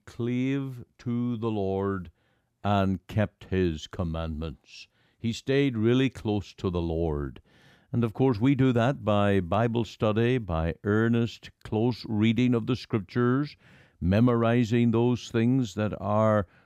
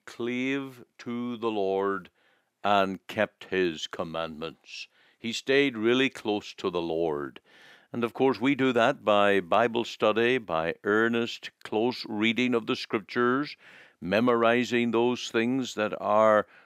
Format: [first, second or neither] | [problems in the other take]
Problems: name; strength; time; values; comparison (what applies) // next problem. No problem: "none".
first | thin; somewhat; fading below 350 Hz